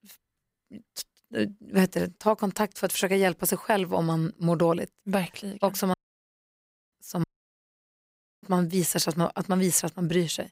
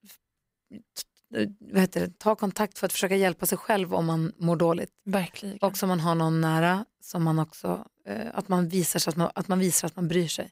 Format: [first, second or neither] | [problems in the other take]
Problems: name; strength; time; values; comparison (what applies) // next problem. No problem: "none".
second | audio cutting out; at 6 s for 1 s and at 7 s for 1 s